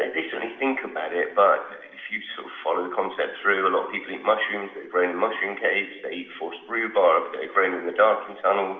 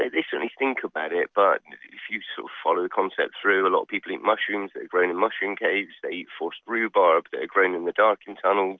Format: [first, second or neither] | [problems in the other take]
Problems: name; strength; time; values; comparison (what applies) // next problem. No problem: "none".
second | room echo; dies away in 0.9 s